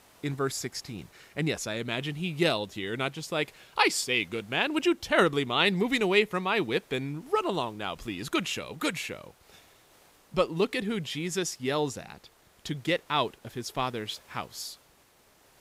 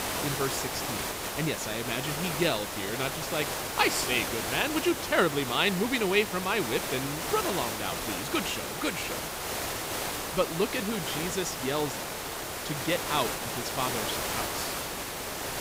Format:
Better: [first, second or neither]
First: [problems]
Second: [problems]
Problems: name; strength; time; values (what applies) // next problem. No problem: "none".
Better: first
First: hiss; faint; throughout; 30 dB below the speech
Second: hiss; loud; throughout; 2 dB below the speech